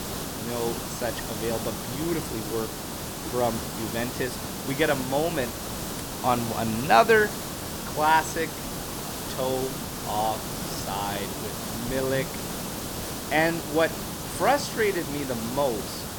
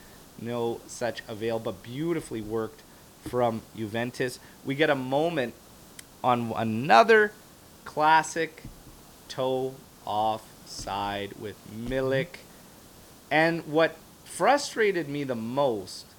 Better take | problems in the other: second | hiss; loud; throughout; 5 dB below the speech; faint in the second

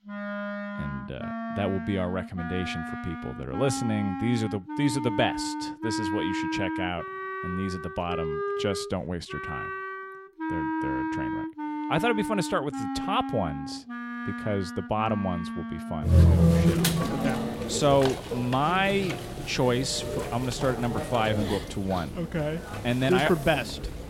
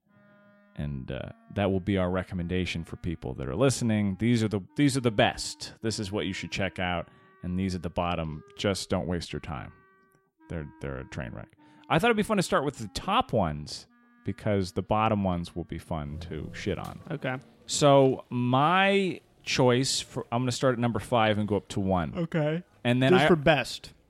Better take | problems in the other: second | background music; loud; throughout; 2 dB below the speech; faint in the second

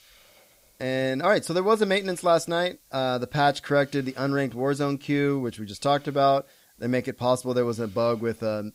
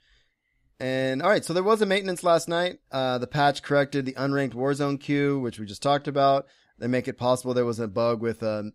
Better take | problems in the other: second | hiss; faint; throughout; 30 dB below the speech

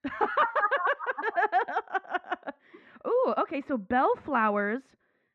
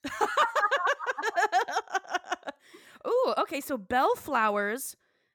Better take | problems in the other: second | muffled; very; fading above 2.5 kHz

